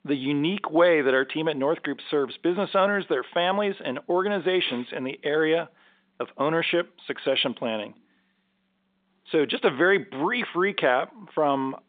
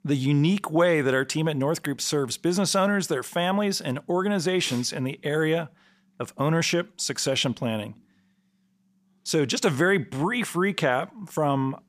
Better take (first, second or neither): second